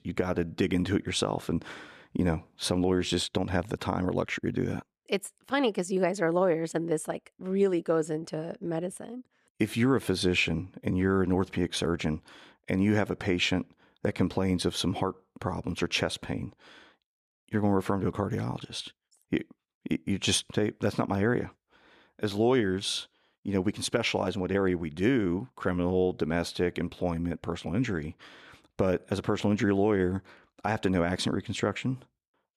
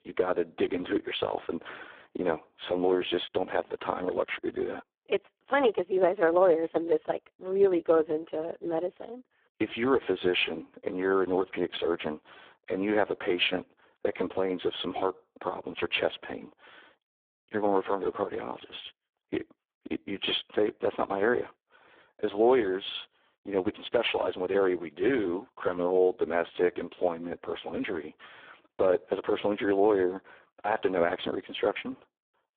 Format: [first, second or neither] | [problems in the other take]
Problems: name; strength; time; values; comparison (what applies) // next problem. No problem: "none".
first | phone-call audio; poor line; nothing above 3.5 kHz